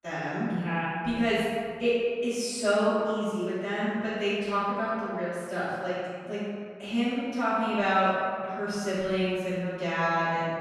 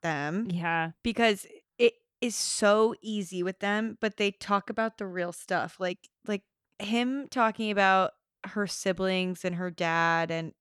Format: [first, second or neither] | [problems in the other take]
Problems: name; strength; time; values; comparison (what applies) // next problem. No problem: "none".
second | off-mic speech; far // room echo; strong; dies away in 1.9 s